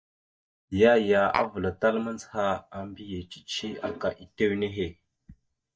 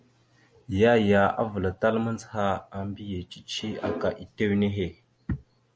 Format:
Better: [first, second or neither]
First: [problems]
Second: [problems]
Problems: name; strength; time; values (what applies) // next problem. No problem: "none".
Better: second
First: noise reduction (neural mask model DeepFilterNet 3)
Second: none